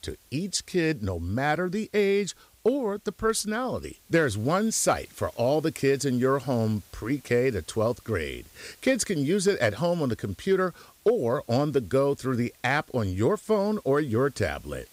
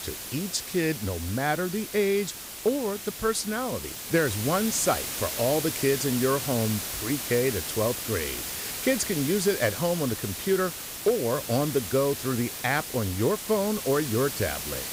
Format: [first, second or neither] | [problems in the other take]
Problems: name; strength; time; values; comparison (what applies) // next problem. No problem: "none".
first | hiss; loud; throughout; 5 dB below the speech; faint in the first